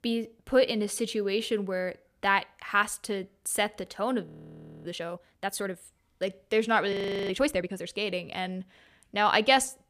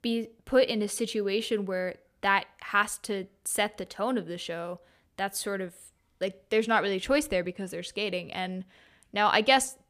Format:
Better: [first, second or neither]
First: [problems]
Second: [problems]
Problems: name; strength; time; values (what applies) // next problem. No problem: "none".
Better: second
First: audio freezing; at 4.5 s for 0.5 s and at 7 s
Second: none